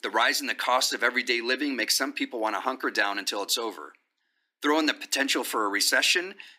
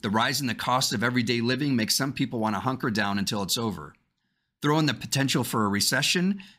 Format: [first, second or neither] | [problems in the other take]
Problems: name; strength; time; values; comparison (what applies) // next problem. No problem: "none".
second | thin; somewhat; fading below 300 Hz